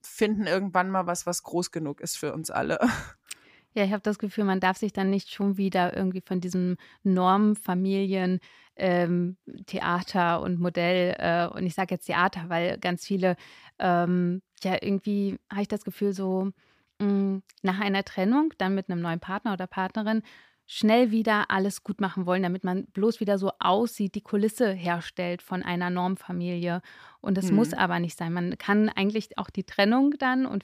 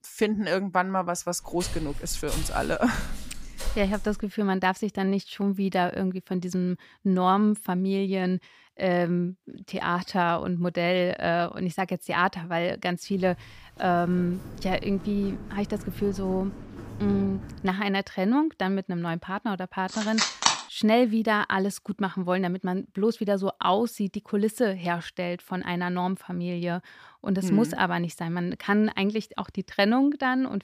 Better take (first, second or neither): first